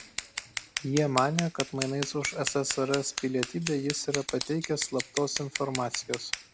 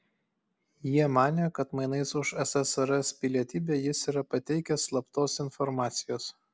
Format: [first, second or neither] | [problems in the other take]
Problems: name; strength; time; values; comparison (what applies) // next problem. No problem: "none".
second | background sound (Scissors); 7 dB below the speech